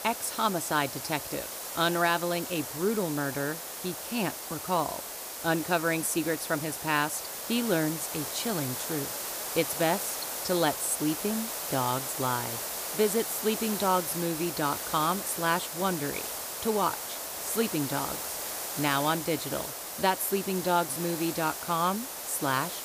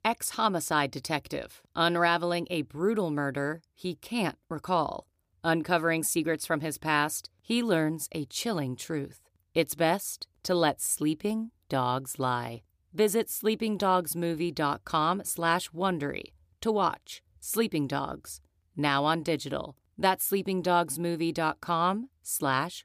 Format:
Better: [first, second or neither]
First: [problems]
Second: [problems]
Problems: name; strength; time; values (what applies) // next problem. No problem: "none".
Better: second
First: hiss; loud; throughout; 4 dB below the speech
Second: none